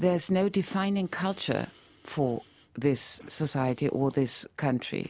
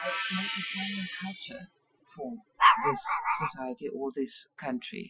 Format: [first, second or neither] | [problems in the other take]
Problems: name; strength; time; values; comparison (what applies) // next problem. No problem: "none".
first | noise reduction (classical method Wiener filter)